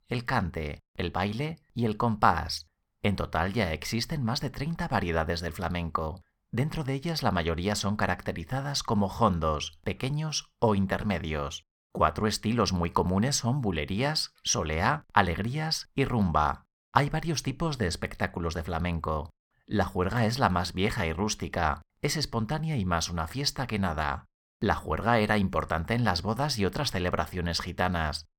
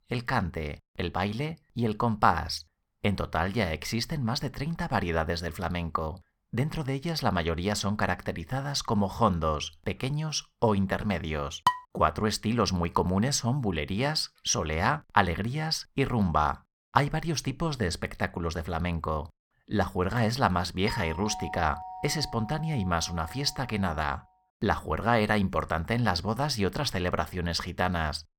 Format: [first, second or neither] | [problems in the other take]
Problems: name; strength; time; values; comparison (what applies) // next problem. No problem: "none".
first | clattering dishes; loud; at 12 s; peak level with the speech // doorbell; noticeable; from 21 to 24 s; peak 10 dB below the speech